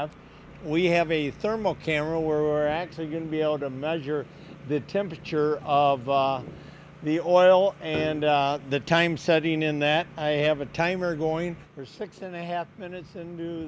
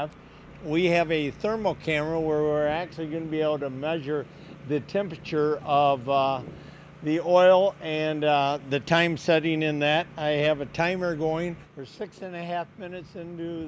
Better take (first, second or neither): second